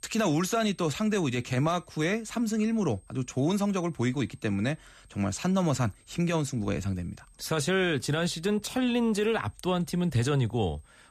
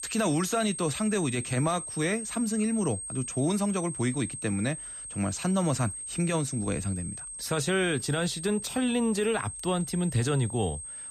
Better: first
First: high-pitched whine; faint; throughout; 8.5 kHz, 35 dB below the speech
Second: high-pitched whine; loud; throughout; 8.5 kHz, 7 dB below the speech

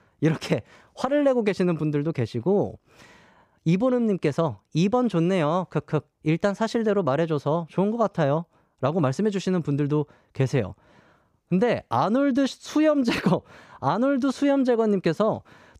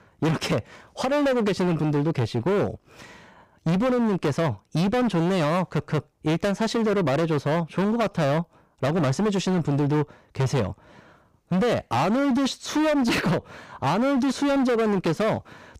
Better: first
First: none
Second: distortion; heavy; 25% of the sound clipped

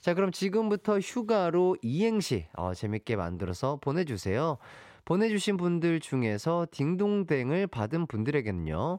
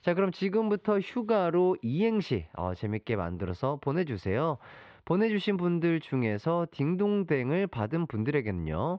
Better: first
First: none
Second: muffled; slightly; fading above 3.5 kHz

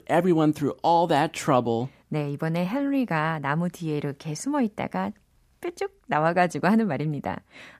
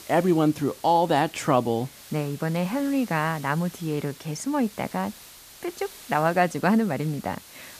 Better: first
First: none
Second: hiss; noticeable; throughout; 20 dB below the speech

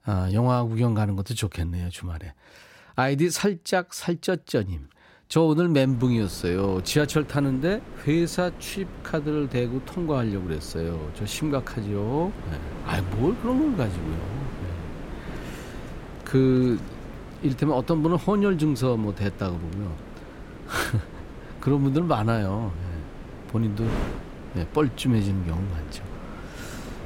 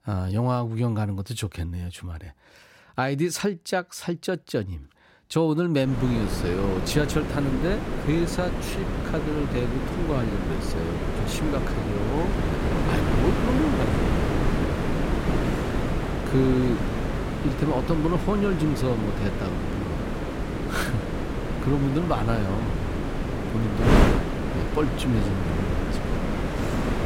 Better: first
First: wind noise on the microphone; occasional gusts; from 6 s on; 15 dB below the speech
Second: wind noise on the microphone; heavy; from 6 s on; 1 dB below the speech

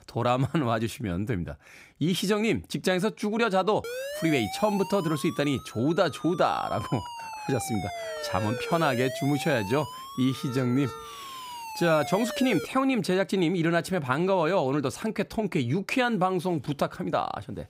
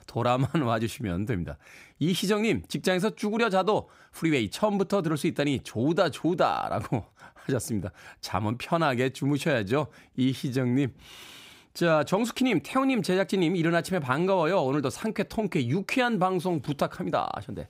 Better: second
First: siren; noticeable; from 4 to 13 s; peak 7 dB below the speech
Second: none

